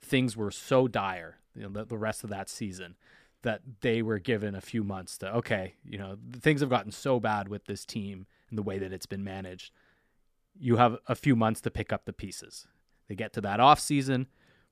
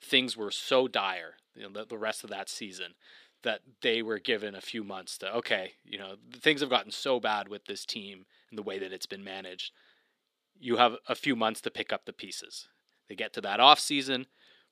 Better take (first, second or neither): first